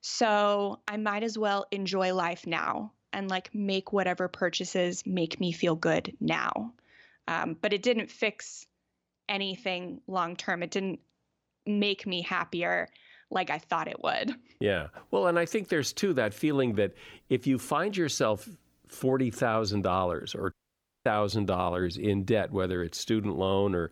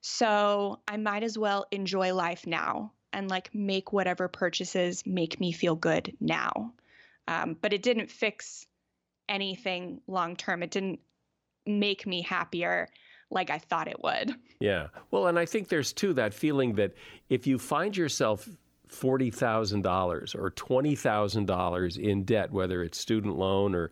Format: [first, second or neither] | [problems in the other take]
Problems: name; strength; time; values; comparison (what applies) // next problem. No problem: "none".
second | audio cutting out; at 21 s for 0.5 s